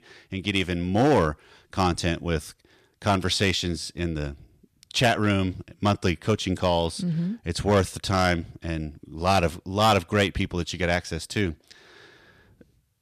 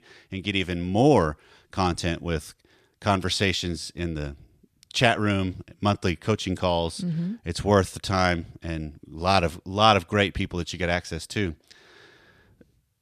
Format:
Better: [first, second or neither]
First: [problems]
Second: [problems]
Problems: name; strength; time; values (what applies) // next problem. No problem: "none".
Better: second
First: distortion; slight; 3% of the sound clipped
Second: none